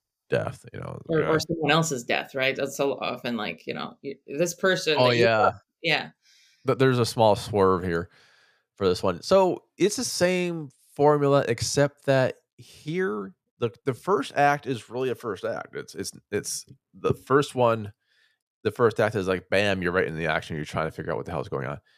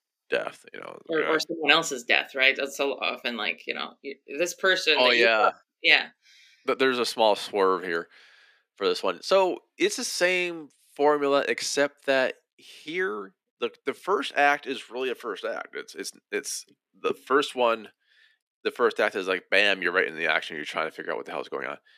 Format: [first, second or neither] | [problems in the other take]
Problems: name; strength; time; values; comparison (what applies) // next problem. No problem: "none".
first | thin; somewhat; fading below 250 Hz